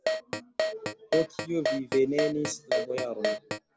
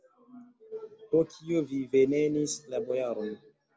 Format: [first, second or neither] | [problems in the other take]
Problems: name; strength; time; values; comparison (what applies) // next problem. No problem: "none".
second | background sound (Keyboard (musical)); 1 dB below the speech